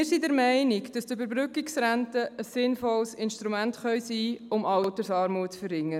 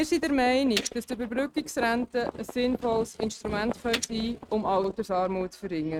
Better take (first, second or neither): first